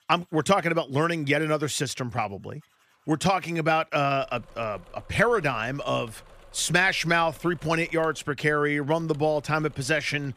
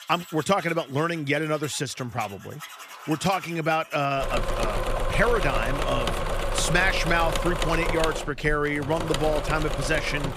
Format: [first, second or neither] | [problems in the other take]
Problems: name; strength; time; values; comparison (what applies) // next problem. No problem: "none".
first | machinery noise; loud; throughout; 4 dB below the speech; faint in the first